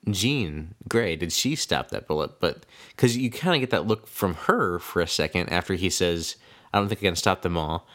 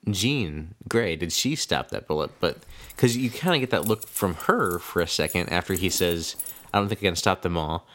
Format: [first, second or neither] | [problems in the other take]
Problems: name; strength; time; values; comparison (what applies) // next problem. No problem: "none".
first | jangling keys; noticeable; from 2.5 to 6.5 s; peak 7 dB below the speech